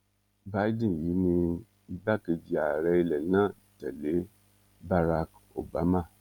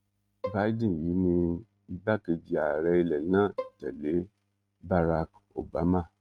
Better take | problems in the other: first | noise reduction (neural mask model RNNoise)

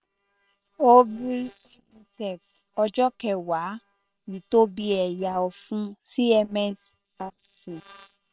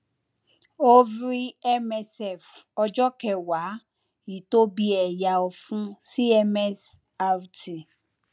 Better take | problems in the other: second | noise reduction (neural separator model SepFormer WHAM!)

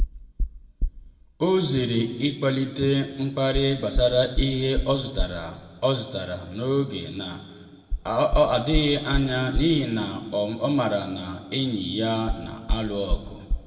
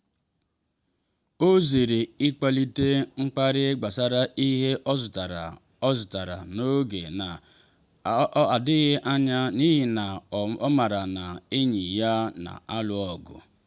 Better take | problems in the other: second | background sound (Knock); 5 dB below the speech // room echo; dies away in 1.6 s

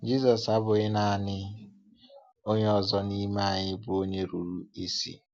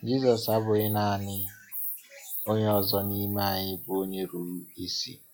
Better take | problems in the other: first | noise reduction (classical method log-MMSE)

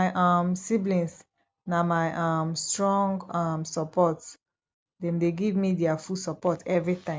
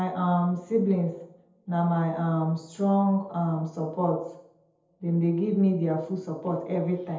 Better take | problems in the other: first | room echo; dies away in 0.7 s

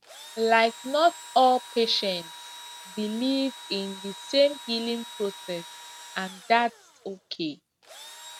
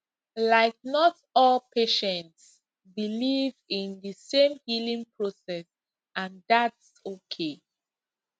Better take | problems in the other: second | background sound (Engine / Drill); 17 dB below the speech

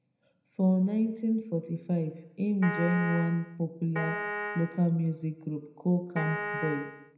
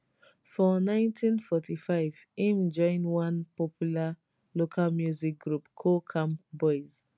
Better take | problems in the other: second | background sound (Piano); 5 dB below the speech // room echo; dies away in 0.7 s

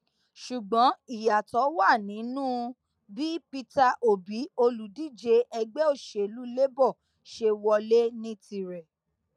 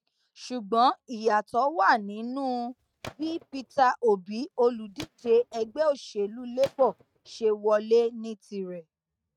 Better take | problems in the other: first | noise reduction (neural mask model RNNoise)

